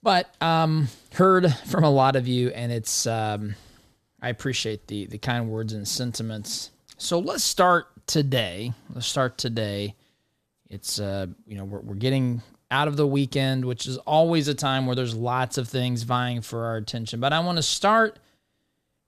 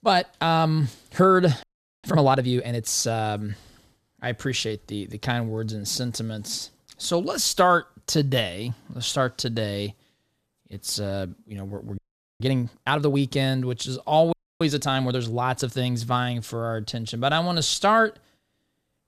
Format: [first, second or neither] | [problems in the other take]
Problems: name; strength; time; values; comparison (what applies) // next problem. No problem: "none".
first | audio freezing; at 1.5 s, at 12 s and at 14 s